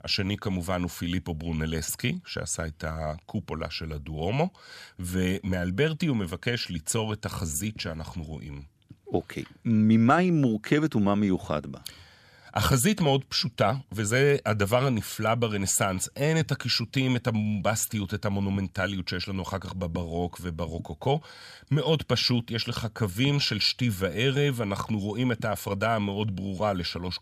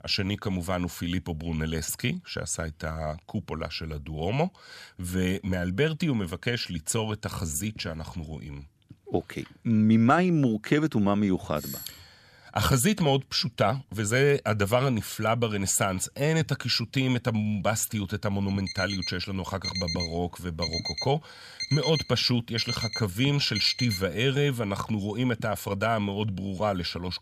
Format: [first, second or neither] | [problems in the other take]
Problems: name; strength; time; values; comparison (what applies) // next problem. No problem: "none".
first | doorbell; faint; at 12 s; peak 10 dB below the speech // alarm; noticeable; from 18 to 24 s; peak 2 dB below the speech